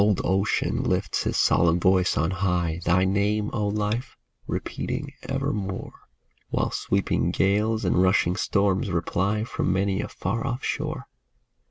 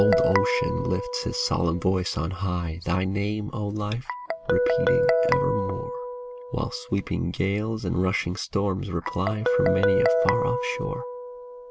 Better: first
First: none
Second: background sound (Guitar); as loud as the speech

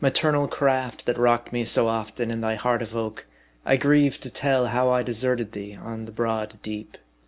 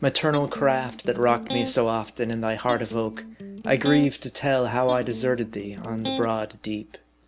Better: first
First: none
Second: background sound (Electric guitar); 10 dB below the speech

